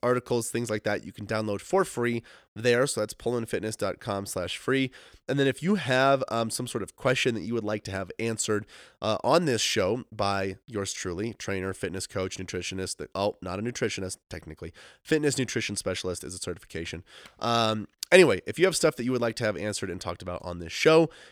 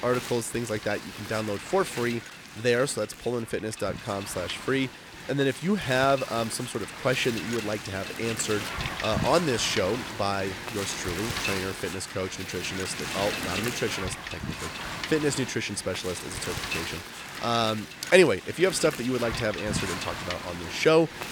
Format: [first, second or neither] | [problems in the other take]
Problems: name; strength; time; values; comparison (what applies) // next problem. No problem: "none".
first | wind noise on the microphone; heavy; 6 dB below the speech